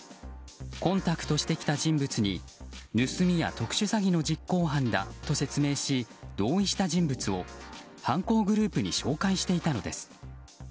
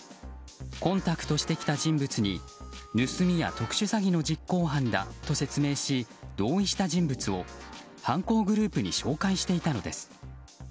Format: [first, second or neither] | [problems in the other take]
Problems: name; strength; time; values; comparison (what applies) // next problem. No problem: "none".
first | background sound (Harmonica); 19 dB below the speech